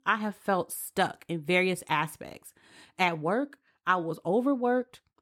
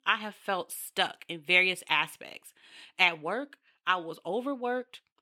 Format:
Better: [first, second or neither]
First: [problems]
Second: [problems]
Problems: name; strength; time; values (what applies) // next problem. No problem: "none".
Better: first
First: none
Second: thin; very slightly; fading below 450 Hz